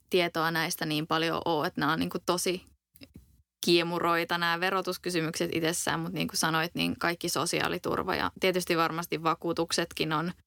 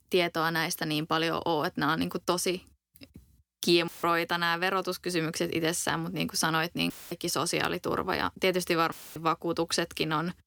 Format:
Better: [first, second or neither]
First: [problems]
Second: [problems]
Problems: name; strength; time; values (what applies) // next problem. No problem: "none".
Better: first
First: none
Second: audio cutting out; filled with static; at 4 s, at 7 s and at 9 s